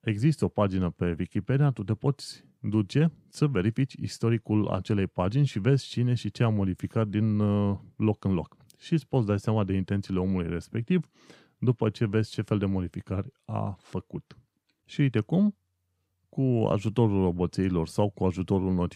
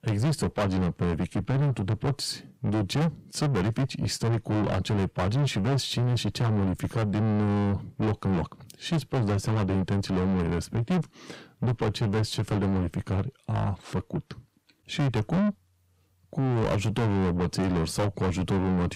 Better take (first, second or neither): first